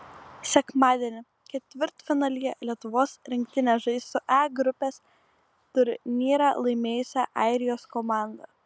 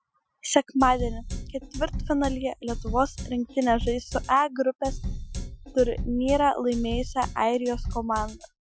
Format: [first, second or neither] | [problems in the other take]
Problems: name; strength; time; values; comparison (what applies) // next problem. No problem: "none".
first | noise reduction (classical method Wiener filter)